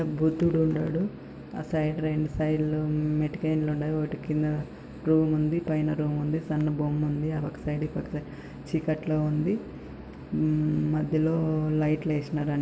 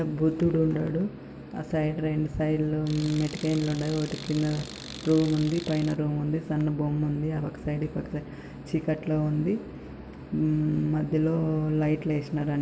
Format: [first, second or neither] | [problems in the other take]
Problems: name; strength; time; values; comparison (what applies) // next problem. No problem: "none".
first | background sound (Tools); 16 dB below the speech